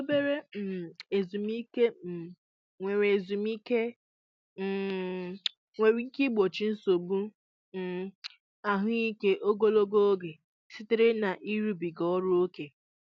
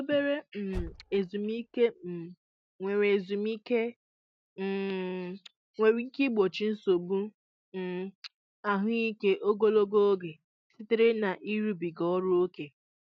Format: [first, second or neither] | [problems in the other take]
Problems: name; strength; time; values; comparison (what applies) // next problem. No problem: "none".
first | noise reduction (neural mask model RNNoise)